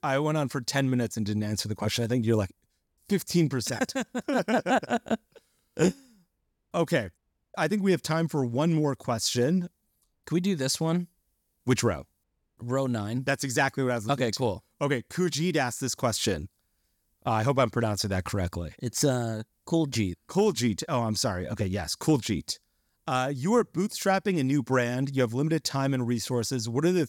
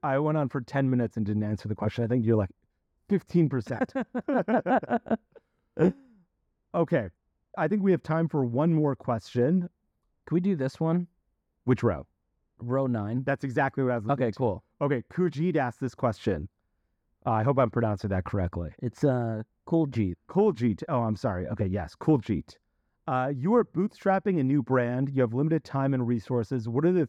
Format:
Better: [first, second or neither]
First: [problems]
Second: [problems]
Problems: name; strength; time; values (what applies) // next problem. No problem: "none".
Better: first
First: none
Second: muffled; very; fading above 3 kHz